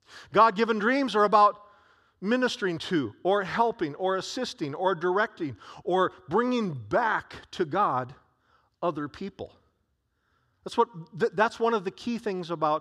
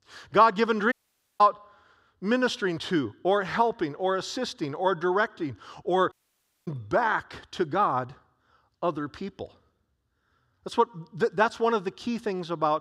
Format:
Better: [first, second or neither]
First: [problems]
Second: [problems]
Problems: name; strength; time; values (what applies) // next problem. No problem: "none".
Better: first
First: none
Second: audio cutting out; at 1 s and at 6 s for 0.5 s